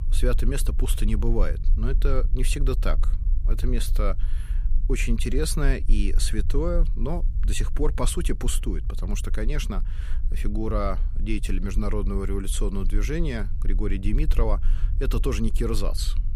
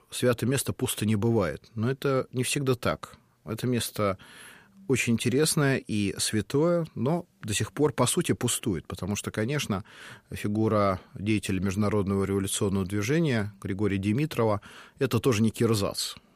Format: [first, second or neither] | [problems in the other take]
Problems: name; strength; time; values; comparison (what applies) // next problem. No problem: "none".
second | low rumble; noticeable; throughout; 20 dB below the speech